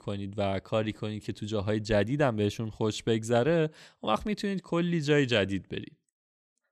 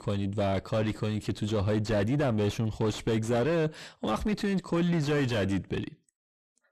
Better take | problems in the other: first | distortion; heavy; 6 dB below the speech

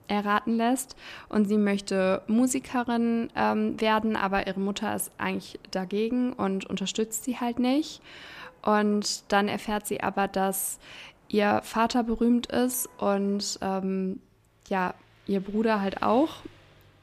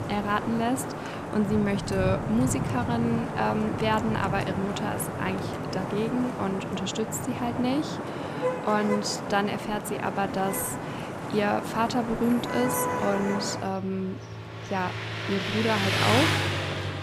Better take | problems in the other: first | traffic noise; loud; throughout; 2 dB below the speech; faint in the first

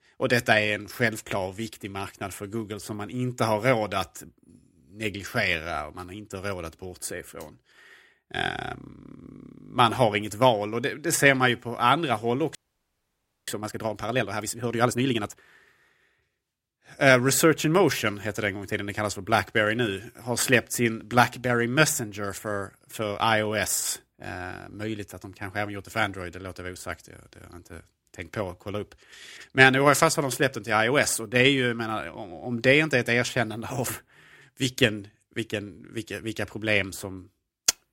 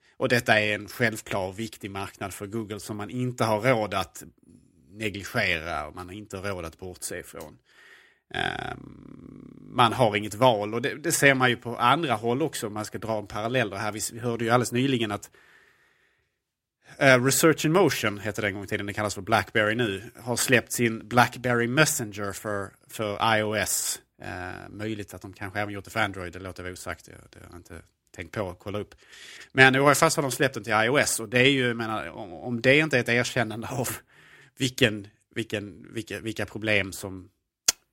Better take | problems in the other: second | audio freezing; at 13 s for 1 s

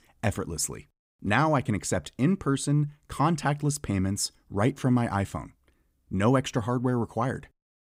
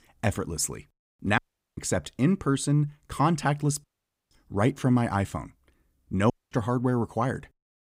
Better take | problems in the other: first | audio cutting out; at 1.5 s, at 4 s and at 6.5 s

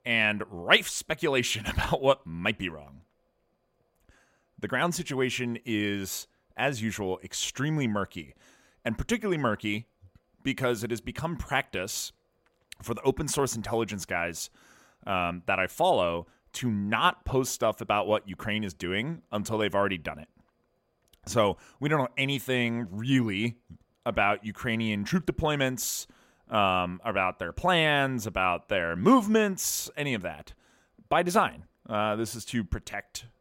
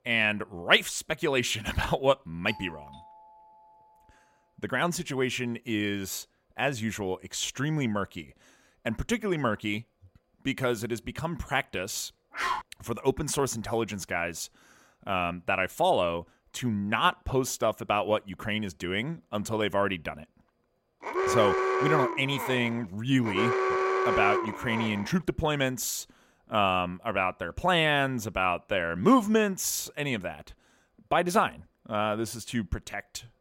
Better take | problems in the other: first | doorbell; faint; from 2.5 to 4 s; peak 15 dB below the speech // dog barking; noticeable; at 12 s; peak 2 dB below the speech // alarm; loud; from 21 to 25 s; peak 2 dB above the speech

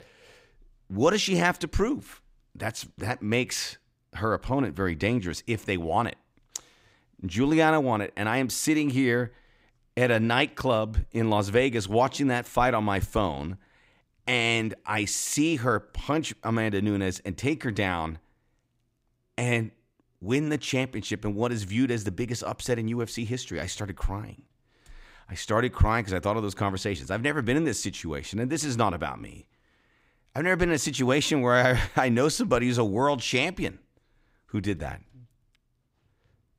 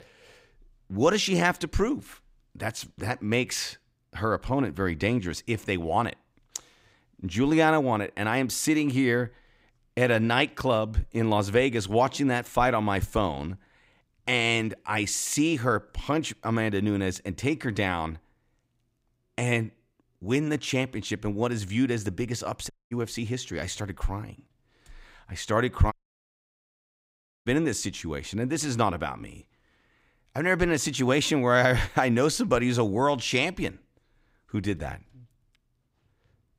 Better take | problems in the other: first | audio cutting out; at 23 s and at 26 s for 1.5 s

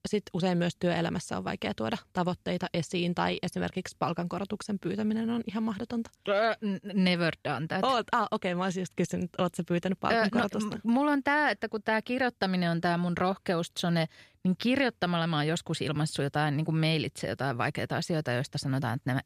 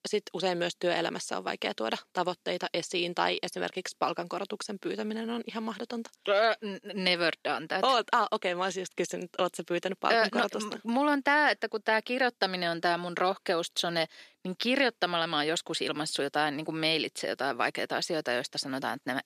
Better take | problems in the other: first | thin; somewhat; fading below 300 Hz

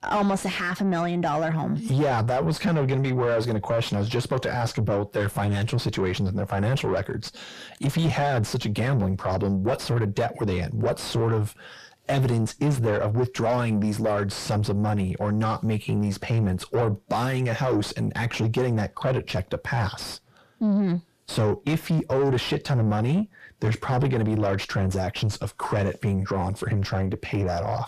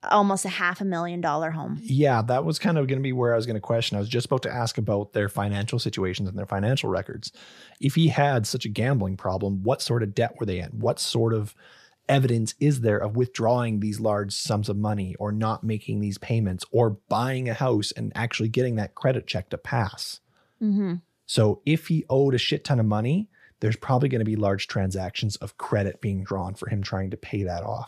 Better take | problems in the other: second | distortion; heavy; 7 dB below the speech

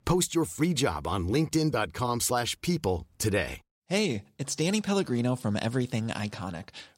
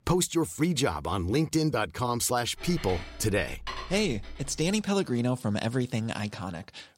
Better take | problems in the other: first | clattering dishes; noticeable; from 2.5 to 5 s; peak 9 dB below the speech

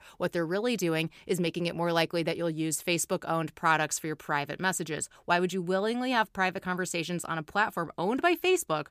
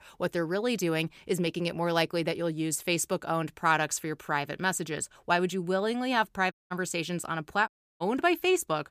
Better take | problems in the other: first | audio cutting out; at 6.5 s and at 7.5 s

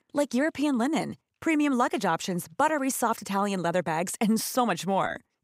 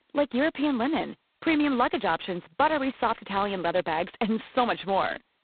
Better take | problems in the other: first | phone-call audio; poor line; nothing above 4 kHz

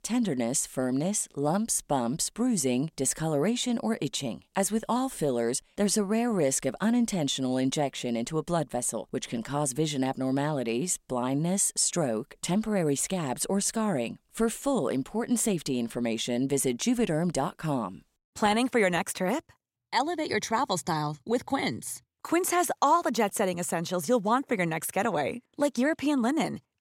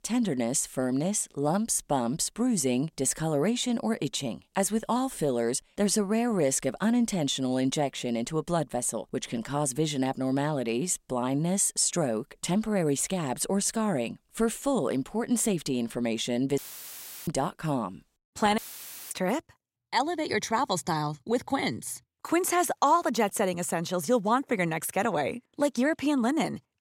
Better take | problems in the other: first | audio cutting out; filled with static; at 17 s for 0.5 s and at 19 s for 0.5 s

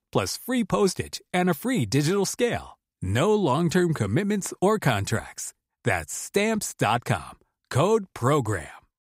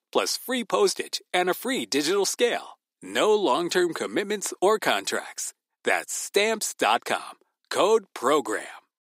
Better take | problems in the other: first | thin; somewhat; fading below 300 Hz

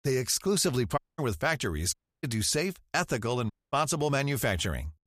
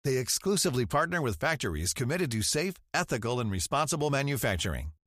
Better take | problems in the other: second | audio cutting out; at 1 s, at 2 s and at 3.5 s

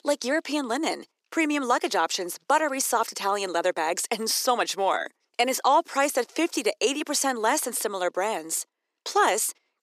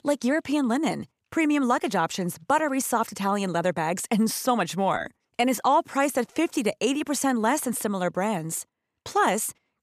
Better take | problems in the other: second | thin; somewhat; fading below 350 Hz

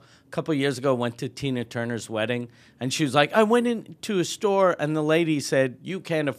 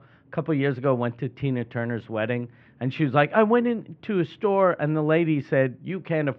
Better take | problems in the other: first | muffled; very; fading above 2.5 kHz

